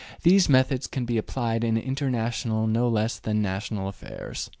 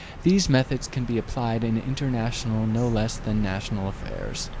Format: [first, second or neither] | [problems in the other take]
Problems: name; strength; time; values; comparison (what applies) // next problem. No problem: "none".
first | background sound (Bird vocalization, bird call, bird song); 10 dB below the speech